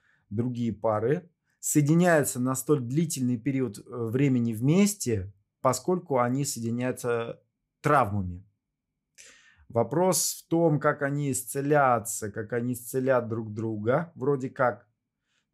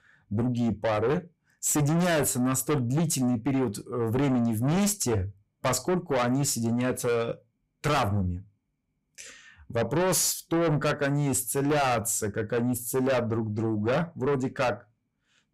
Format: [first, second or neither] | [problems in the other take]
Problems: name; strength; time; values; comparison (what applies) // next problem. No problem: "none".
first | distortion; heavy; 5 dB below the speech